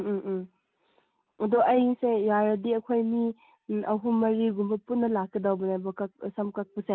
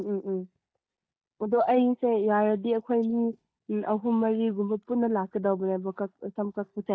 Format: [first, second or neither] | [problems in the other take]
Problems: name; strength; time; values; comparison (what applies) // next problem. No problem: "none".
first | noise reduction (neural mask model DeepFilterNet 3)